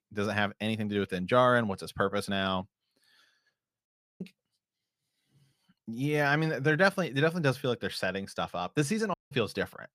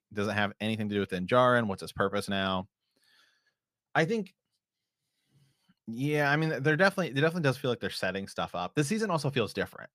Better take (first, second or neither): second